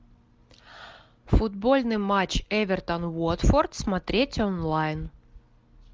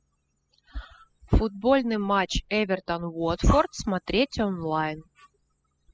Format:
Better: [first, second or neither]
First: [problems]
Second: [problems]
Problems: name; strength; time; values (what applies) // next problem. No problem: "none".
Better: first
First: none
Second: noise reduction (classical method spectral subtraction)